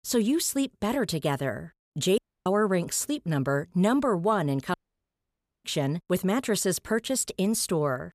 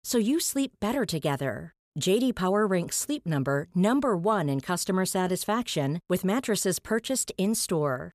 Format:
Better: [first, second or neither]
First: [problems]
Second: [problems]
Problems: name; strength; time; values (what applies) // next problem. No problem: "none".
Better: second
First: audio cutting out; at 2 s and at 4.5 s for 1 s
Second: none